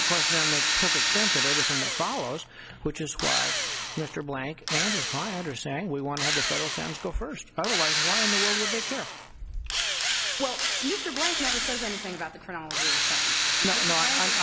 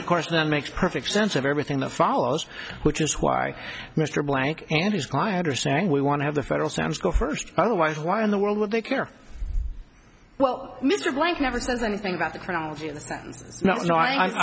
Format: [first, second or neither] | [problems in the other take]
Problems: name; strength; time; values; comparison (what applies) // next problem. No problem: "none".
second | background sound (Drill); 5 dB above the speech